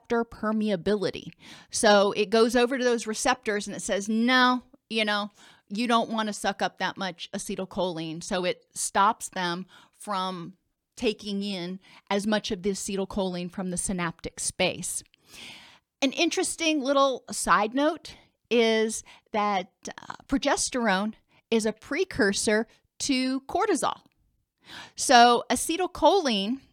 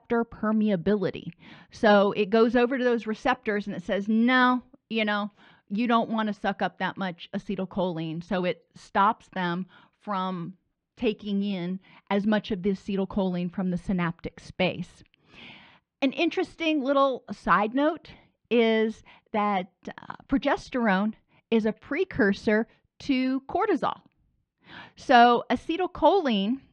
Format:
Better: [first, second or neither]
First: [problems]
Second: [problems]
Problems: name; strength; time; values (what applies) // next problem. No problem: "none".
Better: first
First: none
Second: muffled; slightly; fading above 3 kHz